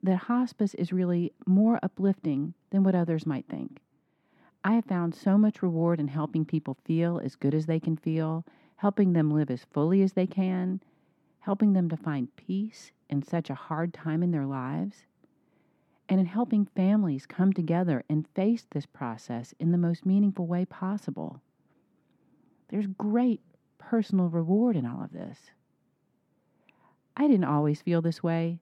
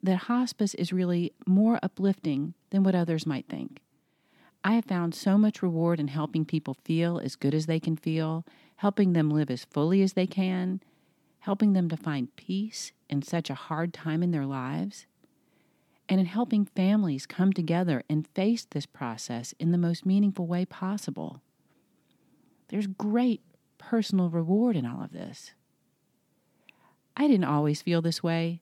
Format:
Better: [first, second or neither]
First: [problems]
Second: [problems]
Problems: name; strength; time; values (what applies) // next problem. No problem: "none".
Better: second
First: muffled; slightly; fading above 2.5 kHz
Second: none